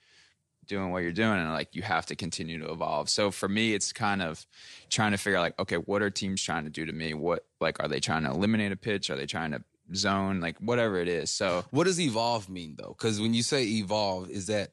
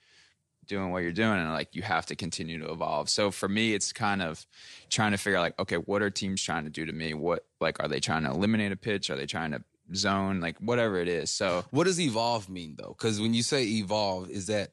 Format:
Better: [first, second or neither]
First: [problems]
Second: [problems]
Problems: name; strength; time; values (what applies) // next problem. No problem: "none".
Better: neither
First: none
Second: none